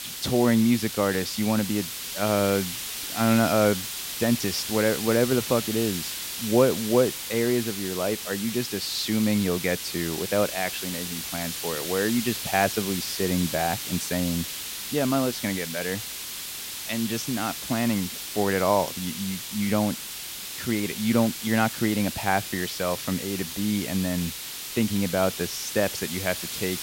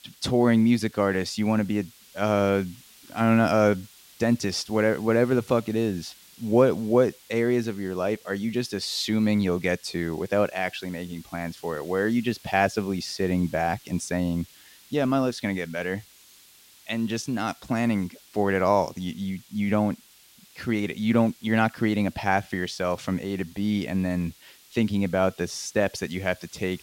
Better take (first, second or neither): second